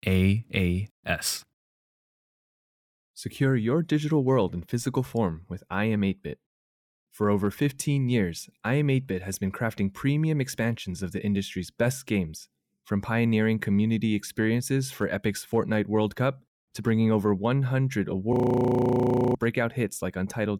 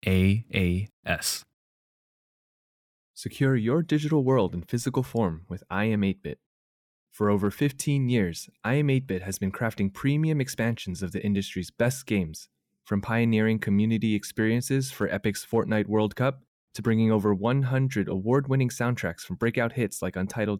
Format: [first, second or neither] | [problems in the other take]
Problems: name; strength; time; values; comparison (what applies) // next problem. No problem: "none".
second | audio freezing; at 18 s for 1 s